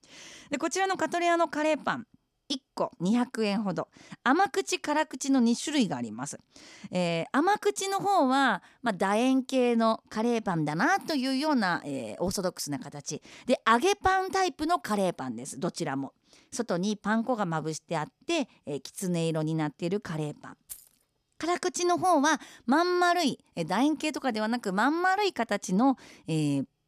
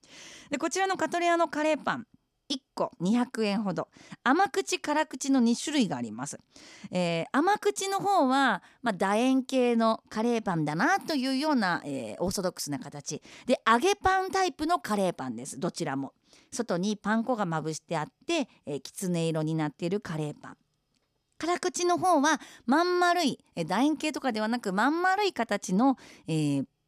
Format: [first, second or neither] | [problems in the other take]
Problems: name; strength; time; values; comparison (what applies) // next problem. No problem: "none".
second | jangling keys; faint; at 21 s; peak 15 dB below the speech